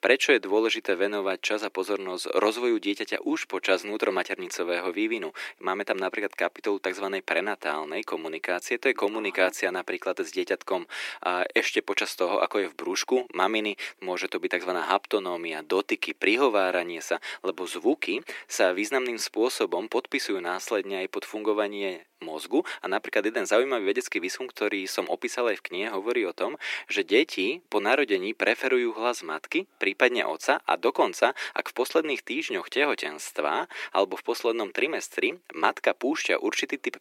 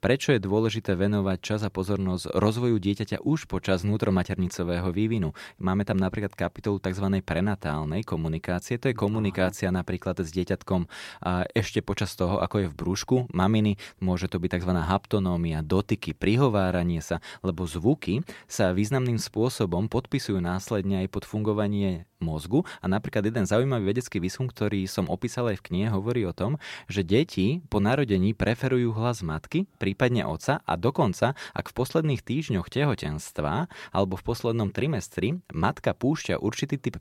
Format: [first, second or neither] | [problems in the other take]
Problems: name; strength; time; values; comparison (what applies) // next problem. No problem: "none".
second | thin; very; fading below 300 Hz